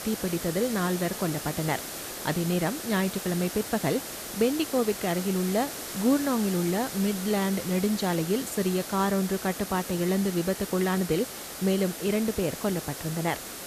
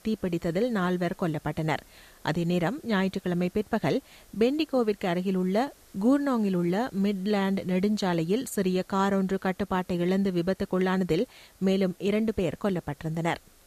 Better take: second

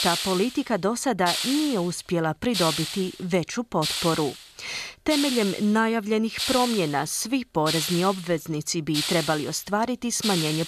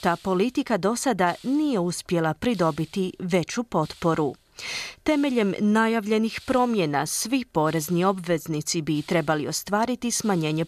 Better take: second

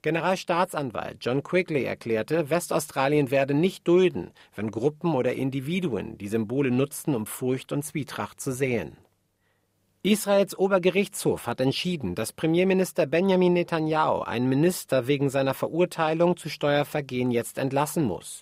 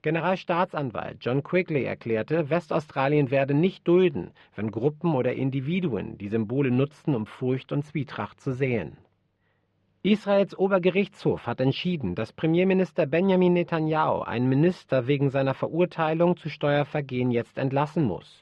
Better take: first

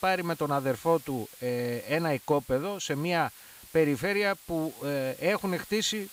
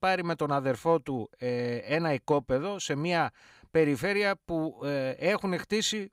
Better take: second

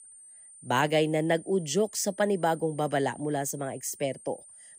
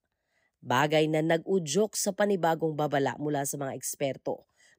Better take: second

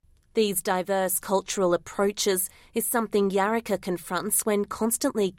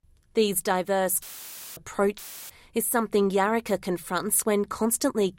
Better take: first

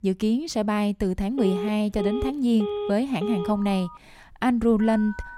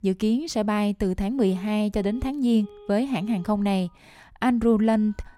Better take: second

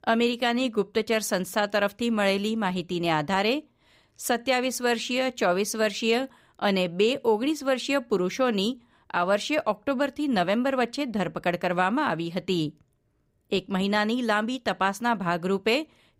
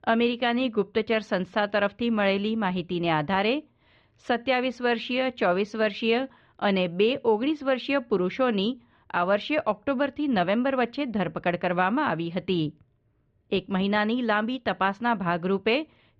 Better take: first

